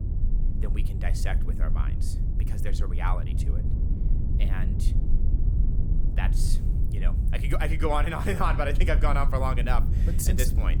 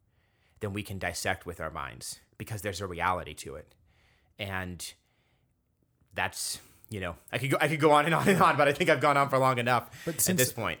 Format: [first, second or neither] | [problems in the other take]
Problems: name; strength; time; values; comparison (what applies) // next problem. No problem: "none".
second | low rumble; noticeable; throughout; 10 dB below the speech